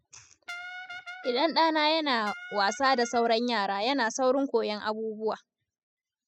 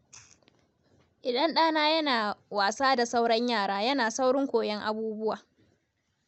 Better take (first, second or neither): second